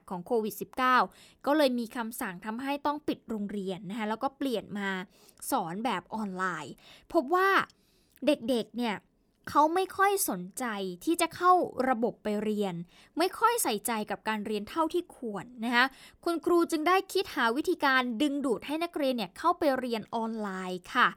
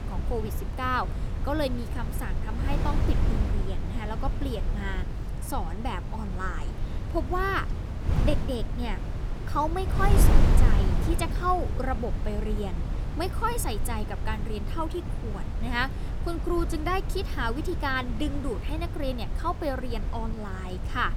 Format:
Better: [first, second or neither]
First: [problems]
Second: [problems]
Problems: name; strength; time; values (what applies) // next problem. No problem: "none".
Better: first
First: none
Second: wind noise on the microphone; heavy; 9 dB below the speech